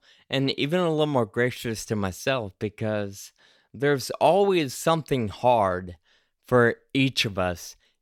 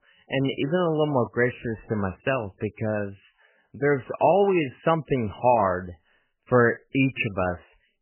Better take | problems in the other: first | garbled, watery; badly; nothing above 3 kHz

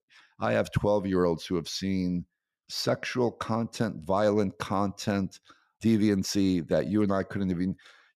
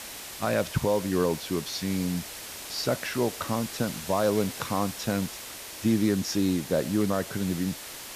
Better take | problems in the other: first | hiss; loud; throughout; 9 dB below the speech

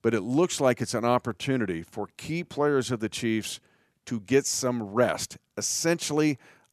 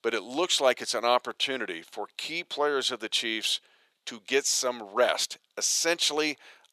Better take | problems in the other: first | thin; somewhat; fading below 550 Hz

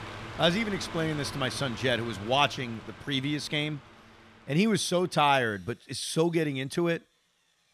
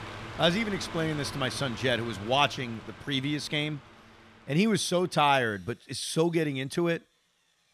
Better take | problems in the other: neither | machinery noise; noticeable; throughout; 15 dB below the speech; the same in both

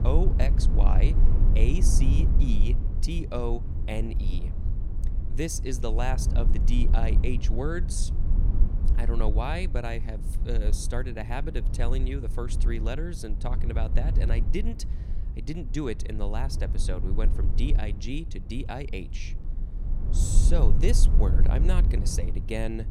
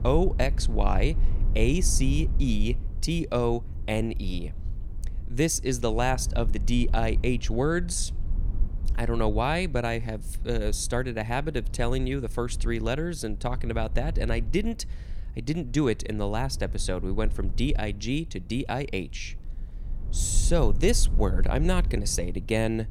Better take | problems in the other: second | low rumble; loud; throughout; 8 dB below the speech; faint in the second

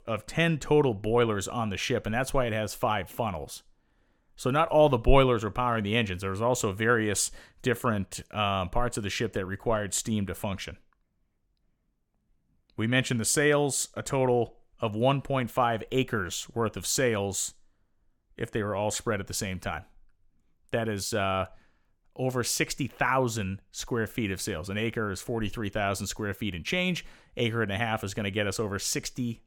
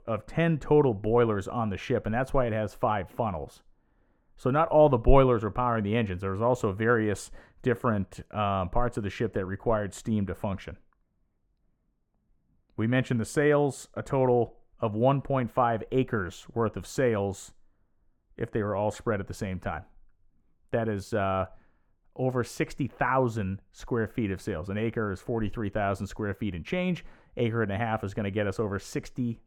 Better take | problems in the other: first | muffled; slightly; fading above 2.5 kHz

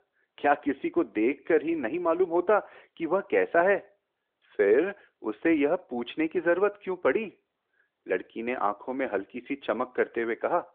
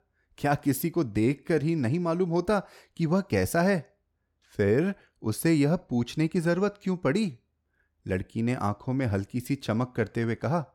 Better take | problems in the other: second | phone-call audio; nothing above 3.5 kHz

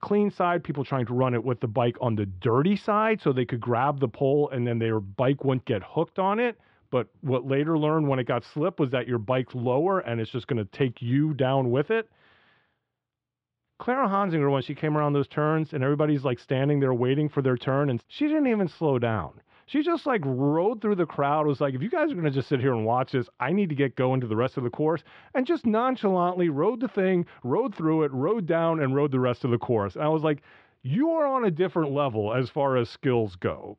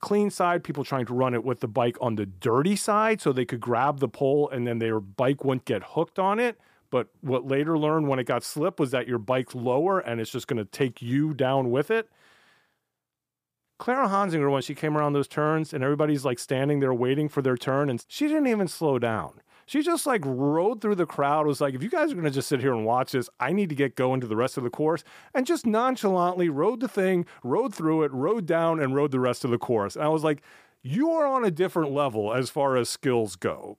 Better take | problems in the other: second | muffled; slightly; fading above 3.5 kHz

